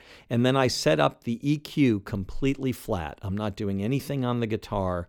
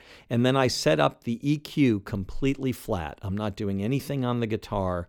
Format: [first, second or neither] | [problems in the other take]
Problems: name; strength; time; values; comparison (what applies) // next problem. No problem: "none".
neither | none